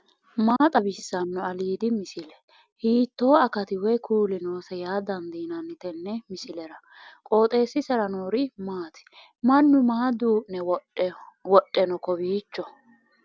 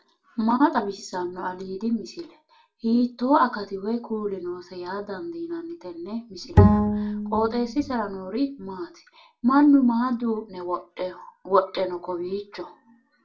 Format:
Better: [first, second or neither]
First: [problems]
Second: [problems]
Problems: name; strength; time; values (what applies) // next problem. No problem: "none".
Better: first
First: none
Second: background sound (Bowed string instrument); 4 dB above the speech // room echo; dies away in 0.2 s